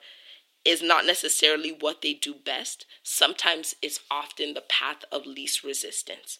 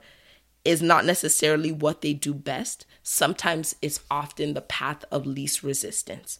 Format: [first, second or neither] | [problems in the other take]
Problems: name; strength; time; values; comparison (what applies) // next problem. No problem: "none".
second | thin; somewhat; fading below 300 Hz